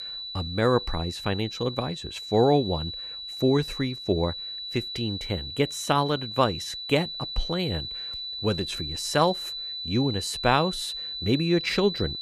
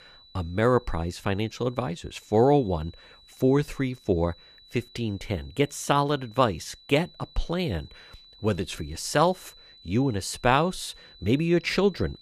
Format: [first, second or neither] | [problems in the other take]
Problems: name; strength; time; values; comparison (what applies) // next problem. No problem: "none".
second | high-pitched whine; loud; throughout; 4 kHz, 6 dB below the speech; faint in the second